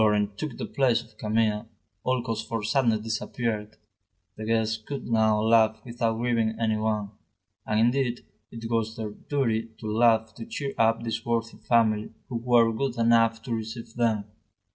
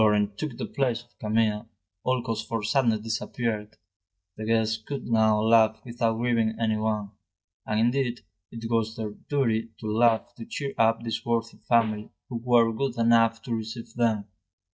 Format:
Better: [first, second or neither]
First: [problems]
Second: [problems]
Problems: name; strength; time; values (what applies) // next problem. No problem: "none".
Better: first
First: none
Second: noise reduction (neural mask model DeepFilterNet 3)